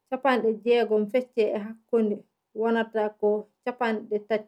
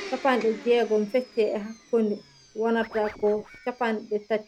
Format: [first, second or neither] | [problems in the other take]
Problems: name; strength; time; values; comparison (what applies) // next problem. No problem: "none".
first | background sound (Domestic sounds, home sounds + Scratching (performance technique)); 18 dB below the speech